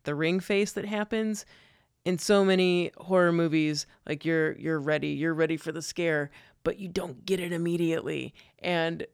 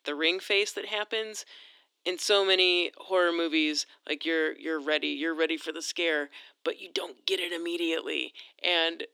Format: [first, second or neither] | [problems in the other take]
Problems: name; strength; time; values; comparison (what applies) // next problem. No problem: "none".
first | thin; somewhat; fading below 300 Hz